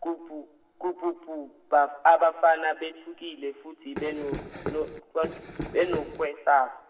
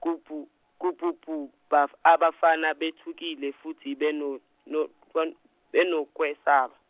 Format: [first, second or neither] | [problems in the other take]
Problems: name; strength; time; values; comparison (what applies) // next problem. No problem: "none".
second | background sound (Run); 9 dB below the speech // room echo; dies away in 2.1 s